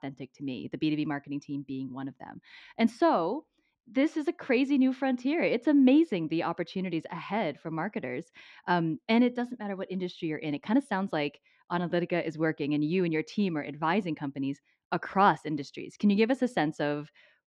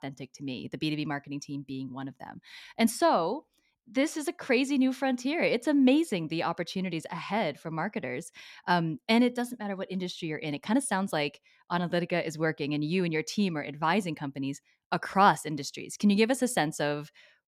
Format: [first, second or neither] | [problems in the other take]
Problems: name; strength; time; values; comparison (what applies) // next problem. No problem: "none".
second | muffled; very slightly; fading above 3.5 kHz